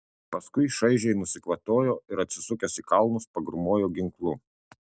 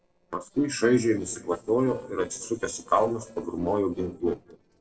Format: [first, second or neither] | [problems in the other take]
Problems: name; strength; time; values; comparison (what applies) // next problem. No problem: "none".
first | noise reduction (neural separator model SepFormer DNS4)